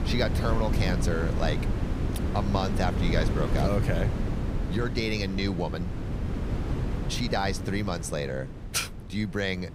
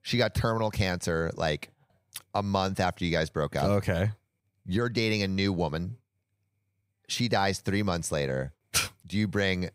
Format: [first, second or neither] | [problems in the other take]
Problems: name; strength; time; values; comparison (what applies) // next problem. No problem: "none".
second | wind noise on the microphone; heavy; 6 dB below the speech